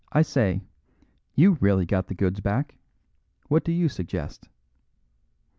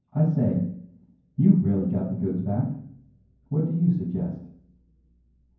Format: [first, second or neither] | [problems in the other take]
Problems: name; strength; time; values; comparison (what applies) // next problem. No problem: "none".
first | room echo; dies away in 0.9 s